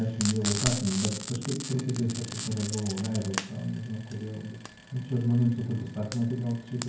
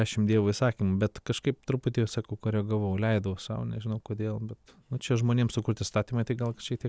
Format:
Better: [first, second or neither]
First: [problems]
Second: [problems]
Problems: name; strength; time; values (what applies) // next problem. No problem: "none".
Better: second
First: background sound (Frying (food)); 8 dB below the speech // room echo; dies away in 0.9 s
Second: none